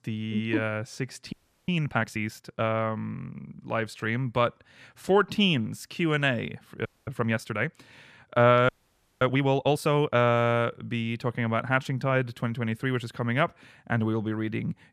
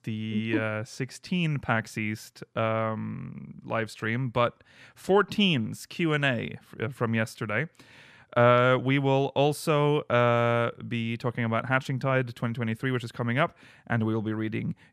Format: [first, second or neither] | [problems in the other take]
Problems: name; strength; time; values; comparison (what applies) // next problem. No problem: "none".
second | audio freezing; at 1.5 s, at 7 s and at 8.5 s for 0.5 s